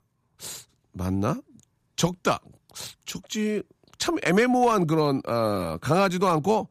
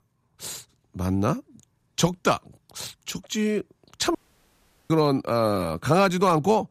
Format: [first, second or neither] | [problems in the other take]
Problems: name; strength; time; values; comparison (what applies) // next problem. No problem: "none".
first | audio cutting out; at 4 s for 1 s